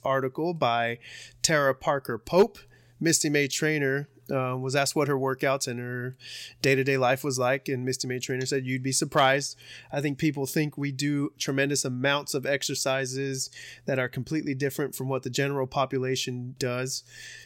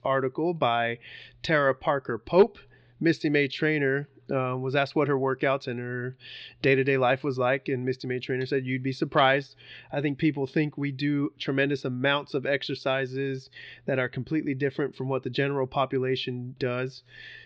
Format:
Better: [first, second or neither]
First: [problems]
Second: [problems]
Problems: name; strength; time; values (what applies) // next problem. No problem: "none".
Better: first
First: none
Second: muffled; slightly; fading above 4 kHz